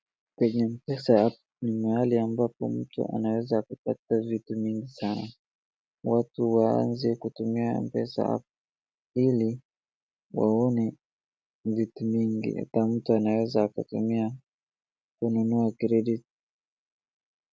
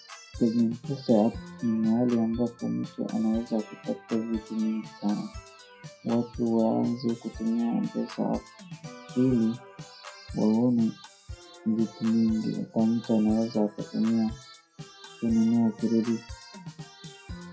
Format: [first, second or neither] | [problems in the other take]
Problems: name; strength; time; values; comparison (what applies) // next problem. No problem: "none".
first | noise reduction (classical method WPE with log-MMSE)